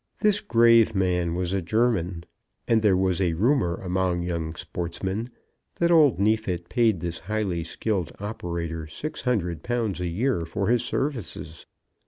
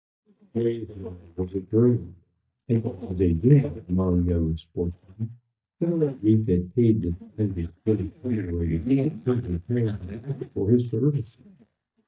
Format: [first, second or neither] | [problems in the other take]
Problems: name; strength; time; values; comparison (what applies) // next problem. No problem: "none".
first | noise reduction (neural mask model DeepFilterNet 3)